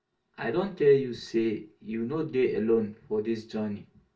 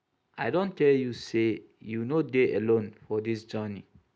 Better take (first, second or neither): second